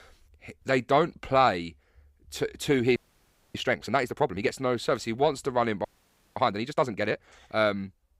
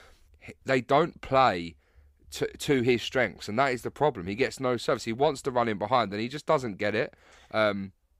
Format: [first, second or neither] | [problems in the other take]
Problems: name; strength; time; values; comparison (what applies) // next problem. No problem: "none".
second | audio freezing; at 3 s for 0.5 s and at 6 s for 0.5 s